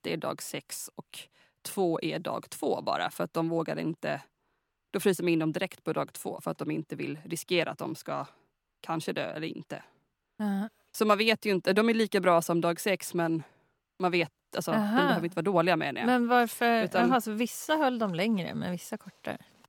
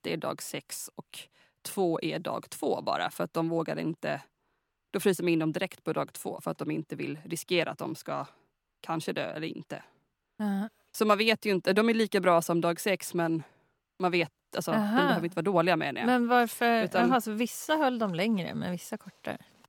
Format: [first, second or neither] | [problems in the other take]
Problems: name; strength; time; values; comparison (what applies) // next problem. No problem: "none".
neither | none